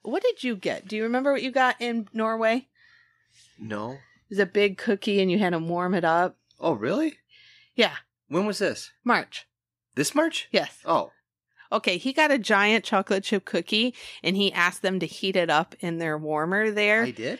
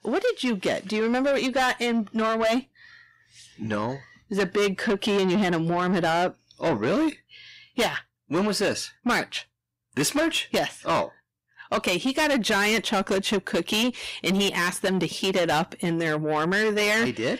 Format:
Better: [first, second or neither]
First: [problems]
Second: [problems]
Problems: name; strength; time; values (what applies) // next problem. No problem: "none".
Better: first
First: none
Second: distortion; heavy; 6 dB below the speech